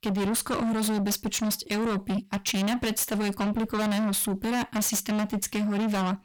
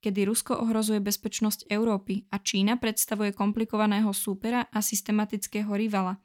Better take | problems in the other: second | distortion; heavy; 5 dB below the speech

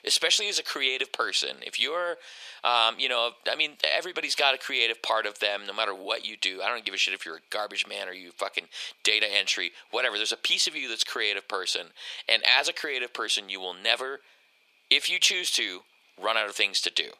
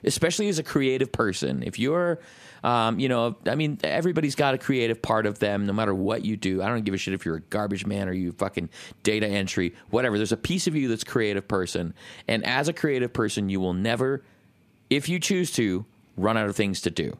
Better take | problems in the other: second | thin; very; fading below 600 Hz

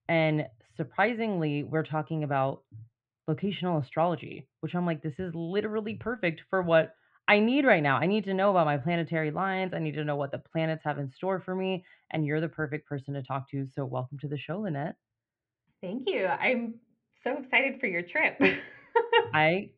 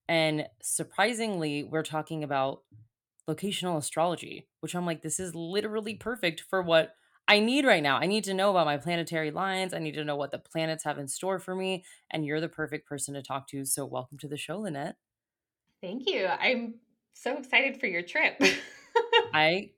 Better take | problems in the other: second | muffled; very; fading above 2.5 kHz

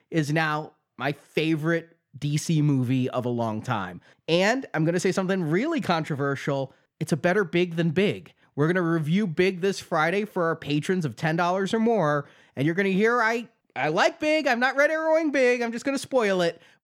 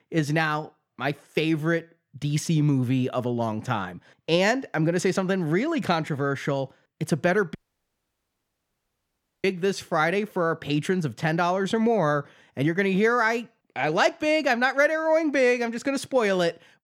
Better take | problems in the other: first | audio cutting out; at 7.5 s for 2 s

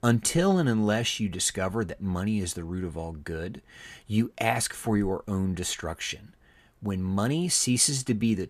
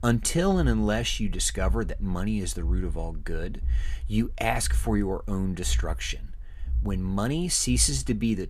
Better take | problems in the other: first | low rumble; faint; throughout; 25 dB below the speech

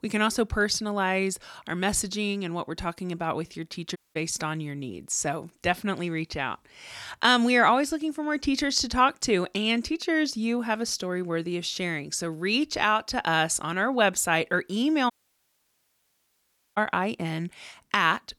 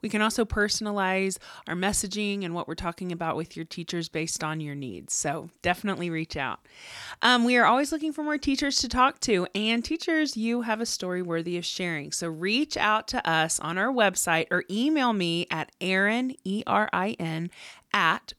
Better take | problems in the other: second | audio cutting out; at 4 s and at 15 s for 1.5 s

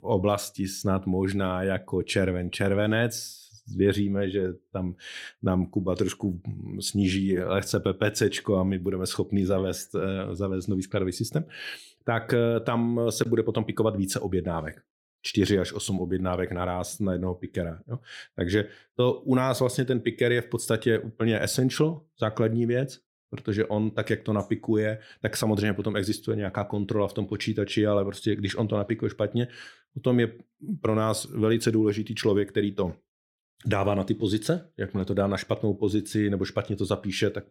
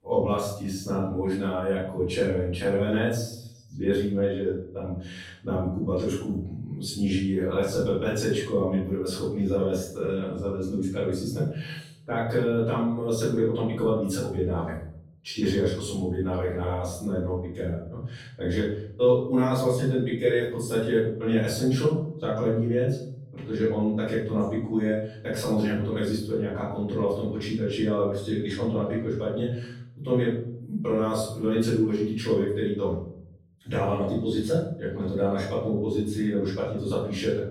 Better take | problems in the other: first | off-mic speech; far // room echo; noticeable; dies away in 0.7 s

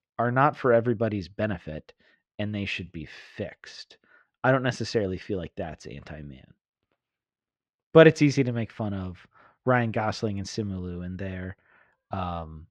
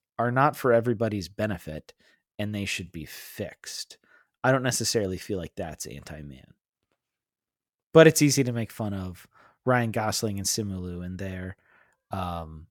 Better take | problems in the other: second | muffled; slightly; fading above 4 kHz

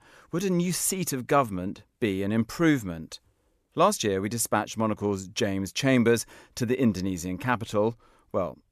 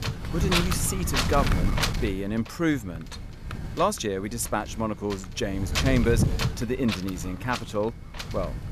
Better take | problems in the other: first | wind noise on the microphone; heavy; 2 dB below the speech

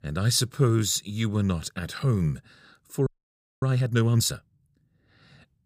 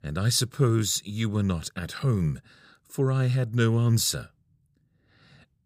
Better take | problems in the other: second | audio freezing; at 3 s for 0.5 s

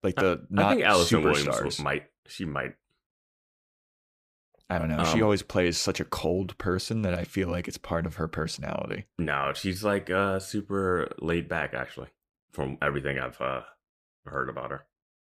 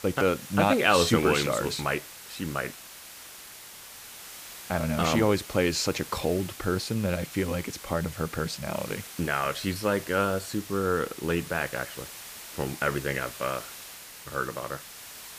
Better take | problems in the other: first | hiss; noticeable; throughout; 15 dB below the speech

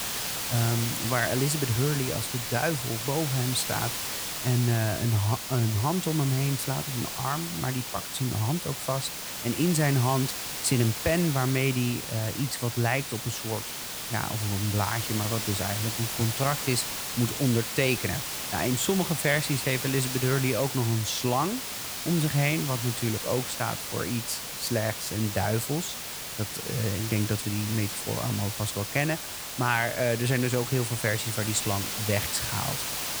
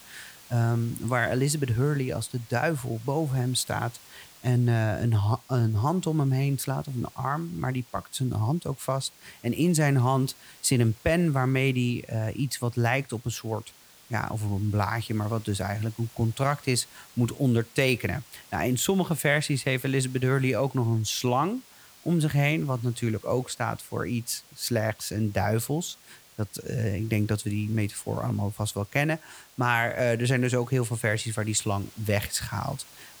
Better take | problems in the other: second | hiss; loud; throughout; 3 dB below the speech; faint in the second

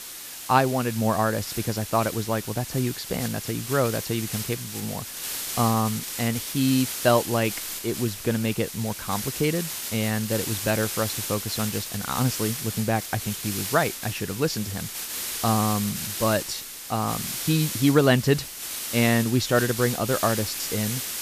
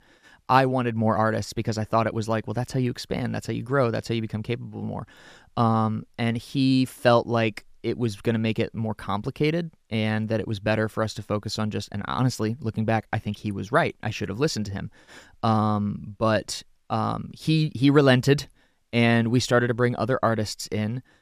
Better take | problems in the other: second | hiss; loud; throughout; 5 dB below the speech

